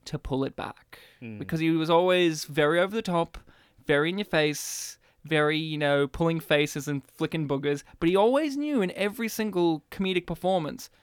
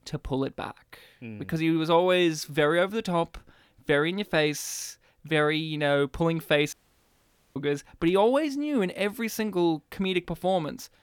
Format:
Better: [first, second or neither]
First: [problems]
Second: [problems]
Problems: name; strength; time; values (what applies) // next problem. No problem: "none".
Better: first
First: none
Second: audio cutting out; at 6.5 s for 1 s